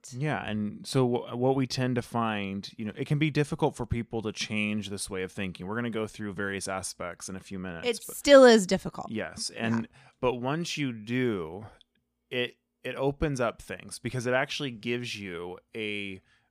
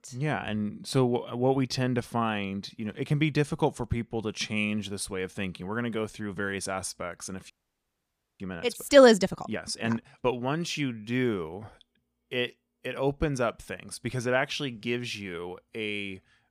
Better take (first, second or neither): first